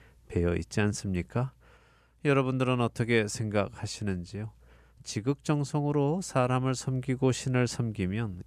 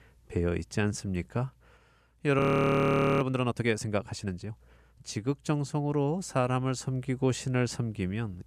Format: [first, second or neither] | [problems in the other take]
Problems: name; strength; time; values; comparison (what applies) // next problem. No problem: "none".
first | audio freezing; at 2.5 s for 1 s